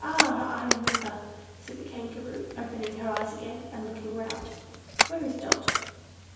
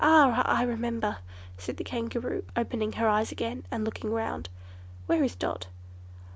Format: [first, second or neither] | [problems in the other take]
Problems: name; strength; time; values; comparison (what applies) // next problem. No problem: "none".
second | background sound (Camera); 2 dB above the speech // room echo; dies away in 1.2 s